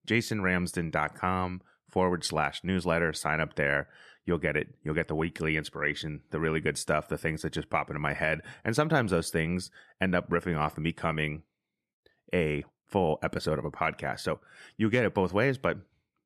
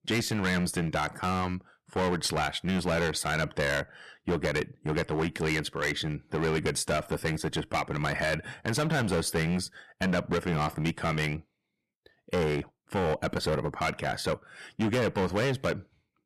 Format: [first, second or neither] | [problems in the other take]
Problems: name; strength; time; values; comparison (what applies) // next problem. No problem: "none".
first | distortion; heavy; 13% of the sound clipped